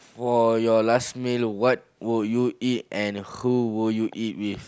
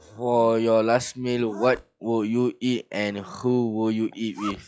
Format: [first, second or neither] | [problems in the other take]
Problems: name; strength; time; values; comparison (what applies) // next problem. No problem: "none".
first | noise reduction (classical method log-MMSE)